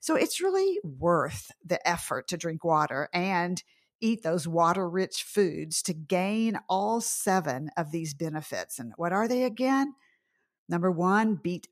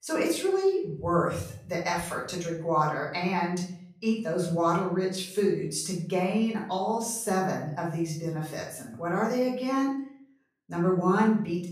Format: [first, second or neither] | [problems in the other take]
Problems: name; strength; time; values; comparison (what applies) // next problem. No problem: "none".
first | off-mic speech; far // room echo; noticeable; dies away in 0.5 s